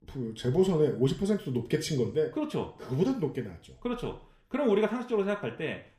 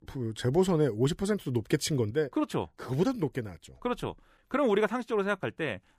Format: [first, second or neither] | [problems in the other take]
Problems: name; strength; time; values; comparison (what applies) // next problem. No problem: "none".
second | room echo; very slight; dies away in 0.4 s